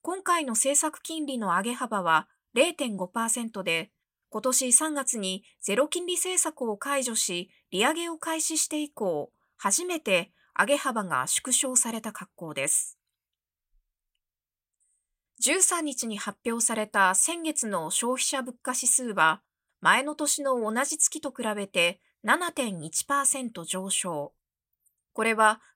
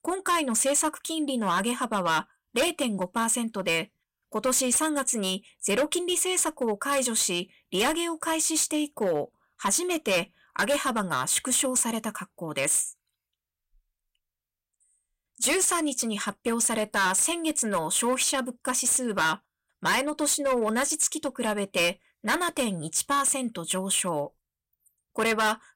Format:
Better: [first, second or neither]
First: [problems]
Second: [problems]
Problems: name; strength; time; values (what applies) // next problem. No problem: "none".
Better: first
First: none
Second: distortion; heavy; 8% of the sound clipped